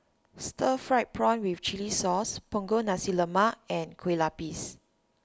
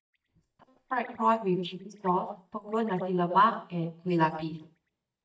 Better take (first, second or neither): first